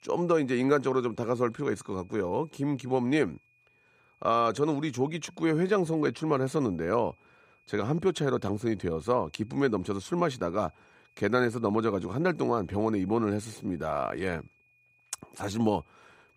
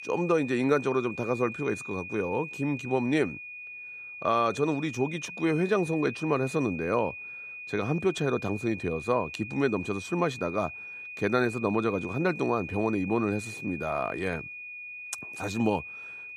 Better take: first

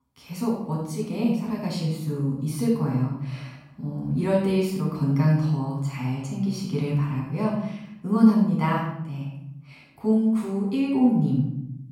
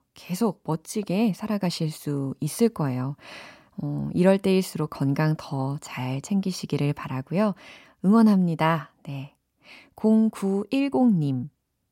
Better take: second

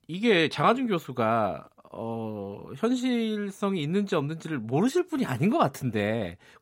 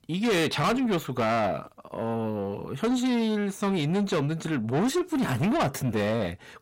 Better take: first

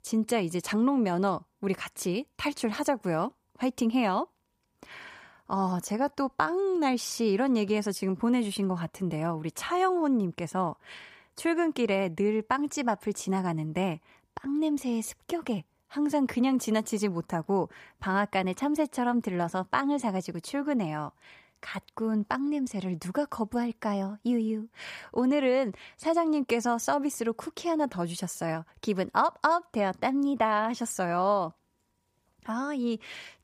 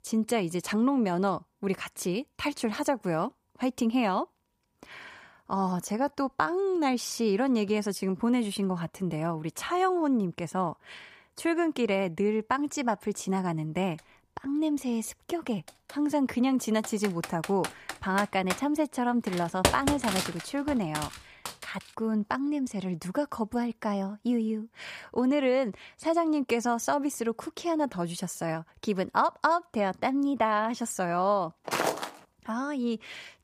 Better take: first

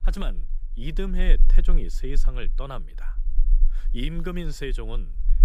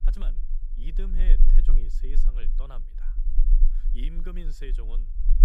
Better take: first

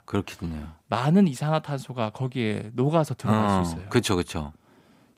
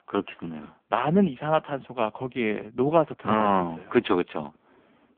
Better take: first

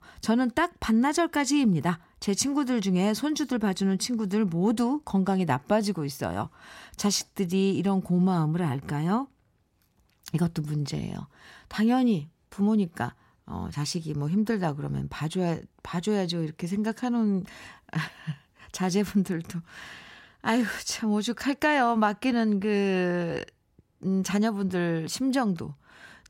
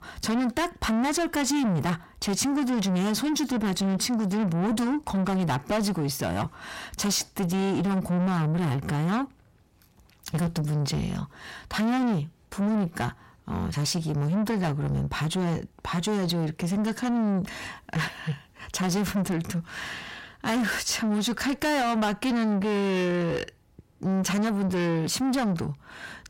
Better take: first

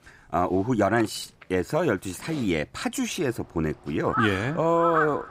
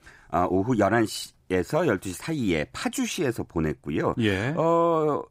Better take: second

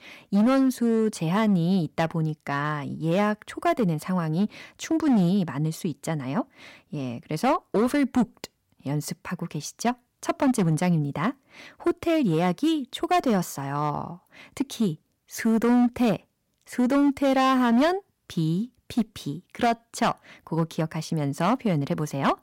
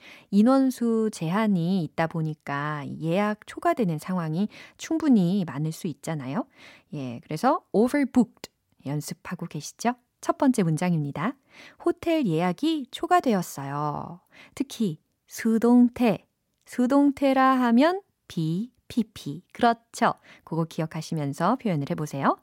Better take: second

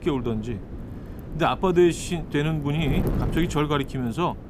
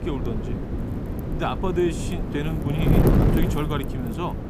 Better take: first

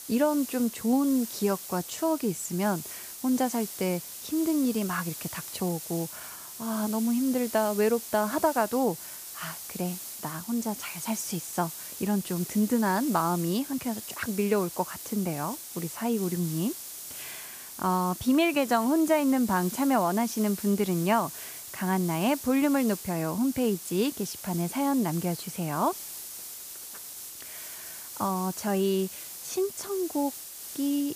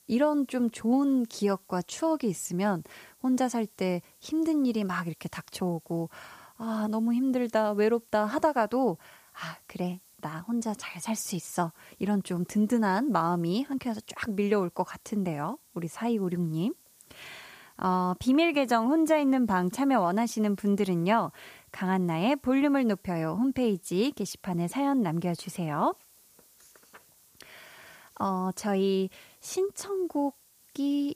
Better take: second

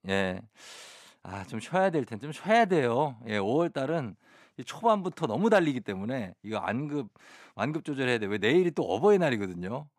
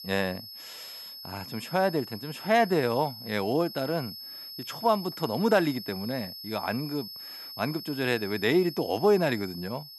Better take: first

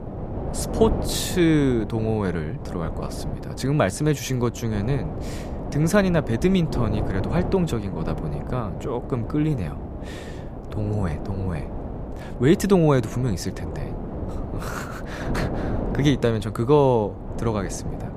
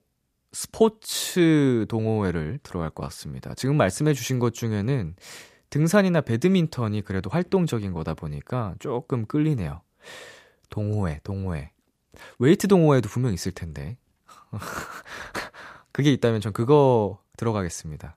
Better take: second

